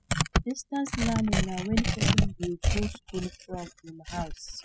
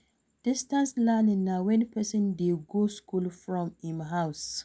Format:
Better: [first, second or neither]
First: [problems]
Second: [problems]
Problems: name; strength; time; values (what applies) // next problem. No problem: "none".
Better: second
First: noise reduction (classical method spectral subtraction)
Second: none